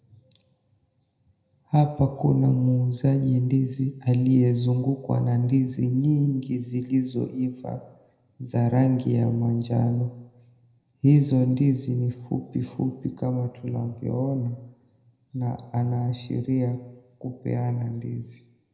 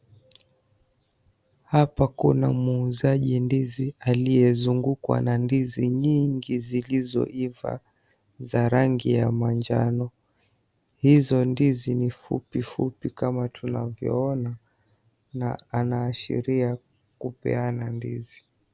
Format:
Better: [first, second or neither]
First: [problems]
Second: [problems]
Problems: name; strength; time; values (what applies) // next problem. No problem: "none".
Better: second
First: room echo; dies away in 0.8 s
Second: none